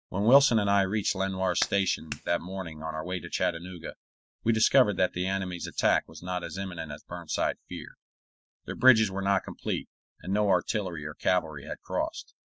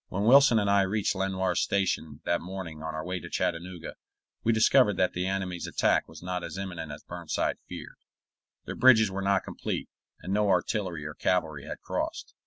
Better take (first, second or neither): second